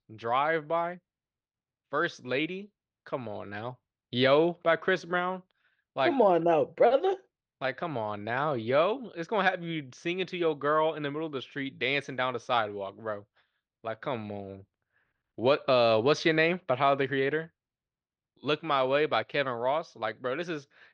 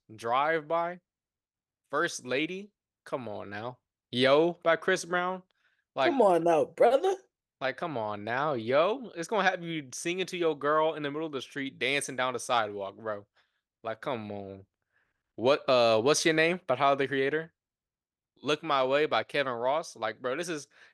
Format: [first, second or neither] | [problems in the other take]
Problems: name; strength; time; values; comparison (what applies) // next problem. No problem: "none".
second | muffled; very slightly; fading above 4.5 kHz